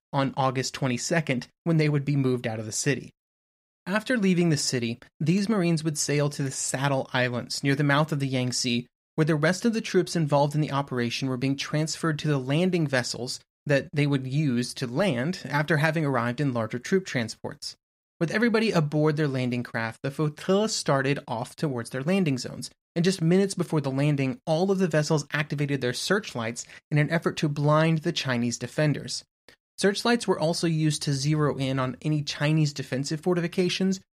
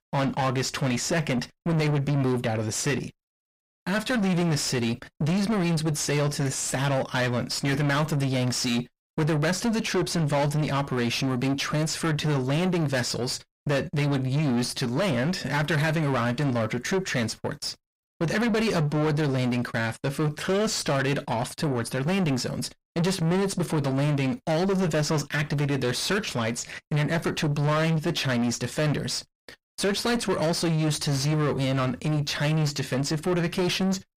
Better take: first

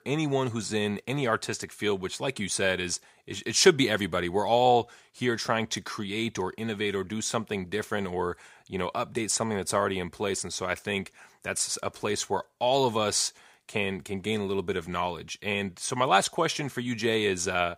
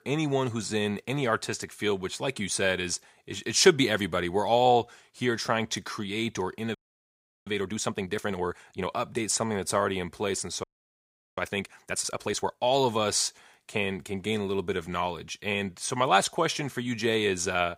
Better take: first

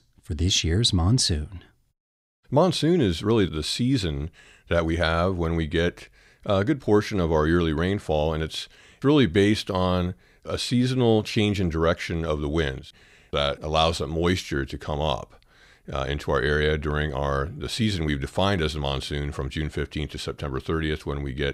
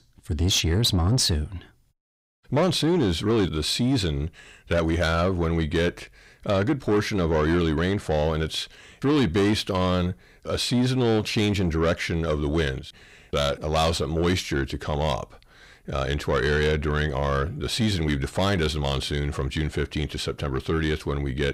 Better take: first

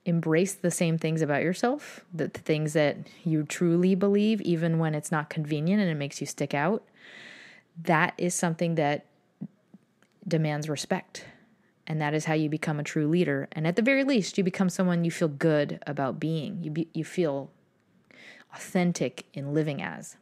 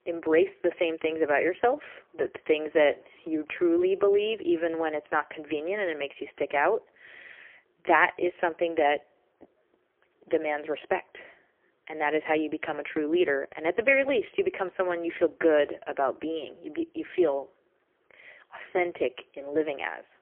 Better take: first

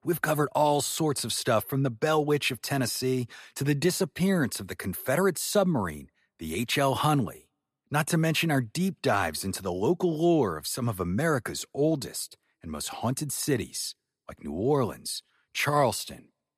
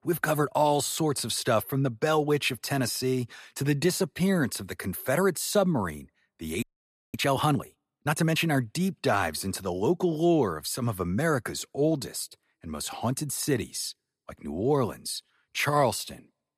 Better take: first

